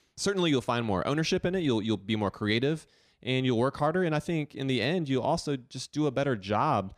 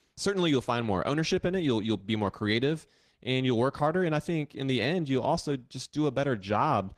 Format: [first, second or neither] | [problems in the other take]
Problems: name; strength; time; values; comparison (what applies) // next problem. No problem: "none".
first | garbled, watery; slightly